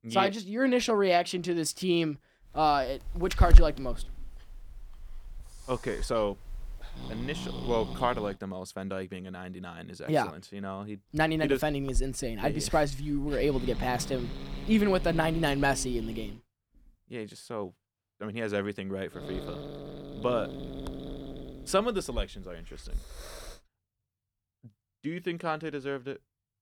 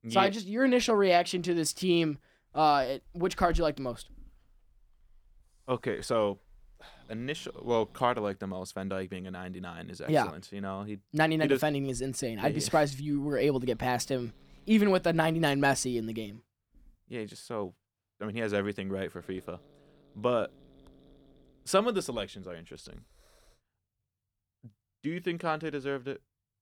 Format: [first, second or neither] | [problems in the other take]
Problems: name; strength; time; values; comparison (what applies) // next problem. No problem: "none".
second | hiss; loud; from 2.5 to 8.5 s, from 11 to 16 s and from 19 to 24 s; 4 dB below the speech; faint in the second